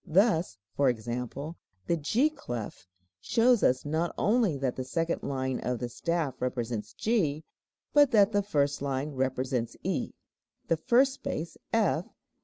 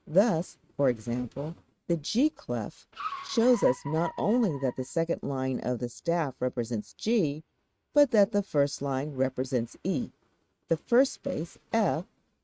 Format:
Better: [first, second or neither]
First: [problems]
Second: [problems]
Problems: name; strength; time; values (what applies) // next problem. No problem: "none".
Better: first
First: none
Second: noise reduction (neural mask model RNNoise)